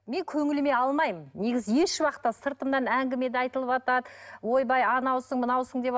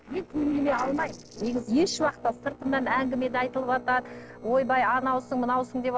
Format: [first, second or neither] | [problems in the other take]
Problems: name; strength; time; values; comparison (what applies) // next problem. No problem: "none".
first | noise reduction (neural separator model SepFormer DNS4)